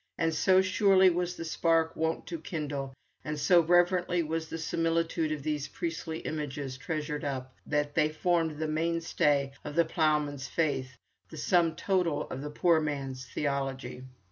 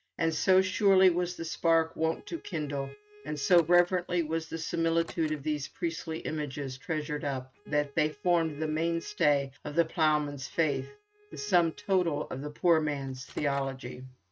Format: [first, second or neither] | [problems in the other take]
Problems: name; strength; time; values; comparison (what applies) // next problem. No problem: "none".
first | noise reduction (neural mask model RNNoise)